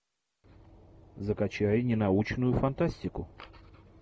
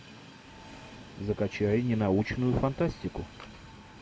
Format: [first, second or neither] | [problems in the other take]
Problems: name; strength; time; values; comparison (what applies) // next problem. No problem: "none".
first | background sound (Train); 18 dB below the speech